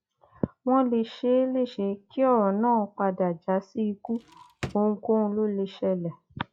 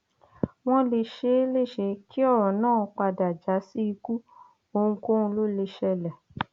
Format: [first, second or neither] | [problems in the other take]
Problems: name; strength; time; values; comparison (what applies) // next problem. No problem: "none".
second | noise reduction (classical method log-MMSE)